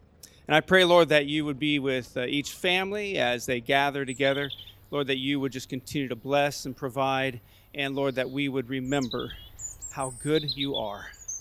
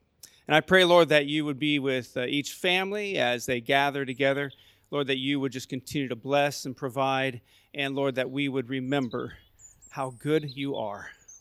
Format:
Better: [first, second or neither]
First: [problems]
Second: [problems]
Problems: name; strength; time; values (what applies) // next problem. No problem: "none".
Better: second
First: animal sounds; loud; throughout; 10 dB below the speech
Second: animal sounds; faint; throughout; 25 dB below the speech